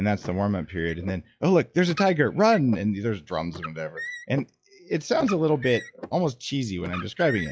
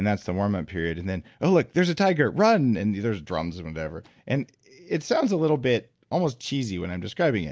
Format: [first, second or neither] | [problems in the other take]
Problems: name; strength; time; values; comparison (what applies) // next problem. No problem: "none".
second | noise reduction (classical method log-MMSE)